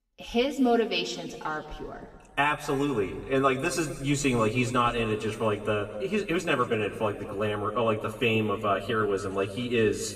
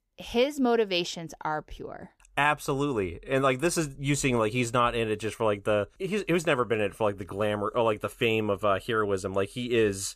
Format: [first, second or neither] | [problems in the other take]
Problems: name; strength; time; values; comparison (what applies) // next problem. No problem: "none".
second | room echo; noticeable; dies away in 1.7 s // off-mic speech; far